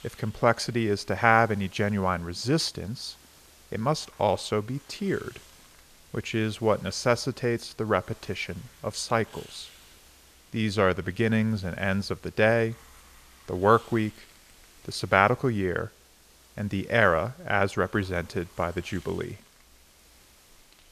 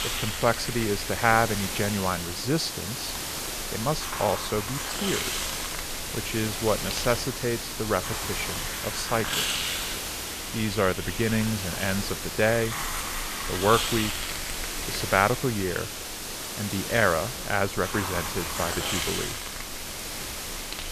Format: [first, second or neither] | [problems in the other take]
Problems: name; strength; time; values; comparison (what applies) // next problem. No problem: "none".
first | hiss; loud; throughout; 2 dB below the speech; faint in the first